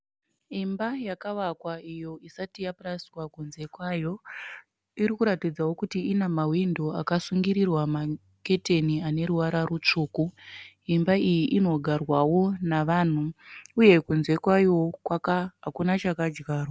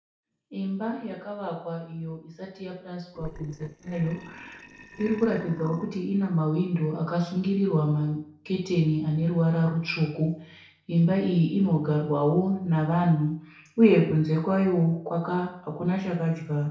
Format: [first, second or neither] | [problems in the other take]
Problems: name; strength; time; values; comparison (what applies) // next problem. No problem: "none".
first | noise reduction (neural separator model SepFormer DNS4)